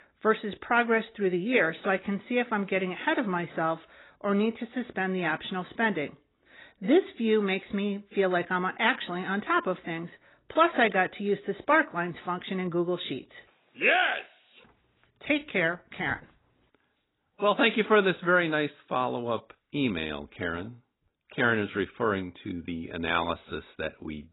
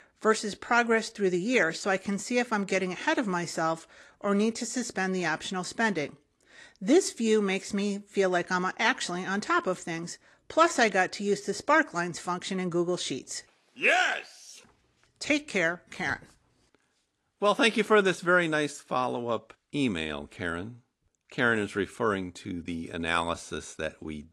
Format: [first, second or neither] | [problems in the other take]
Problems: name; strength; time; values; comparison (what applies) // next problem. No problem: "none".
second | garbled, watery; badly; nothing above 4 kHz; slightly in the second